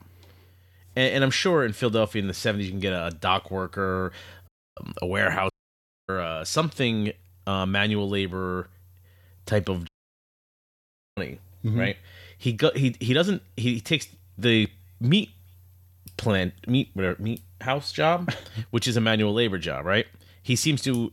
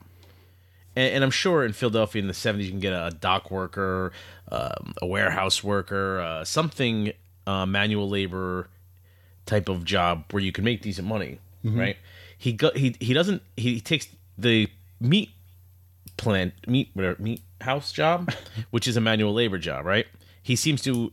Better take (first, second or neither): second